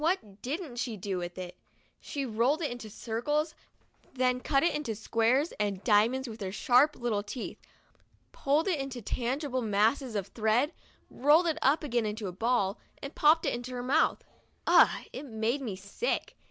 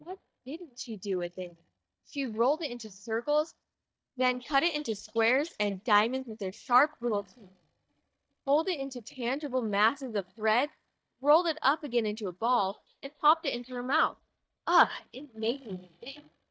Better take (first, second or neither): first